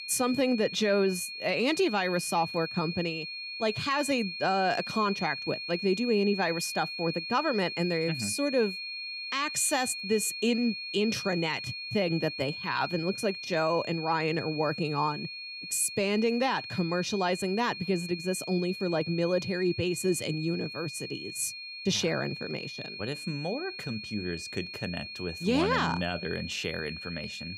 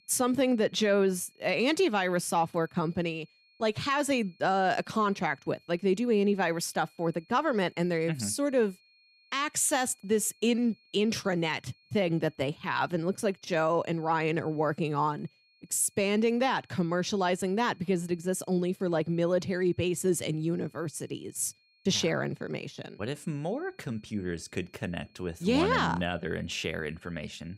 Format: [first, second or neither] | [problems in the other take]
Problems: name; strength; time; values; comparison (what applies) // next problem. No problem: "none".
second | high-pitched whine; loud; throughout; 2.5 kHz, 7 dB below the speech; faint in the second